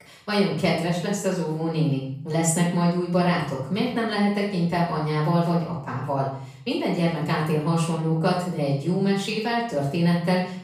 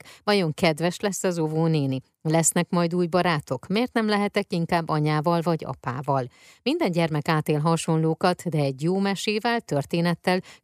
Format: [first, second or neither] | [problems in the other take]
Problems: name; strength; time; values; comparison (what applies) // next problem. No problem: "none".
second | off-mic speech; far // room echo; noticeable; dies away in 0.6 s